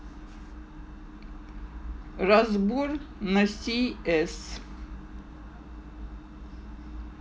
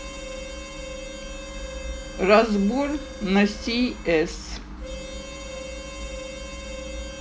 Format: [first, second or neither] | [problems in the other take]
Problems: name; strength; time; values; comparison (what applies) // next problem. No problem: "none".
first | background sound (Harmonica); 12 dB below the speech